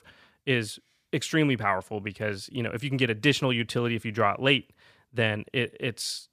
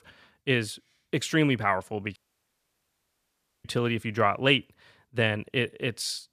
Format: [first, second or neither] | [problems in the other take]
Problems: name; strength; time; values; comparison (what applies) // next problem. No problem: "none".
first | audio cutting out; at 2 s for 1.5 s